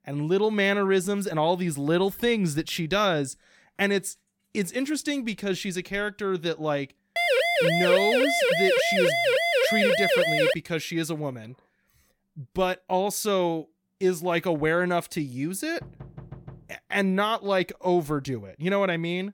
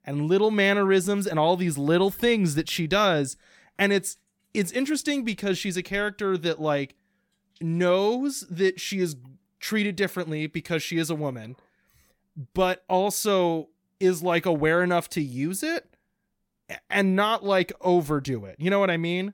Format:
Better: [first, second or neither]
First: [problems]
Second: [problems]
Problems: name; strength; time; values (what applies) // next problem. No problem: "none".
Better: second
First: siren; loud; from 7 to 11 s; peak 5 dB above the speech // door banging; faint; at 16 s; peak 15 dB below the speech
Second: none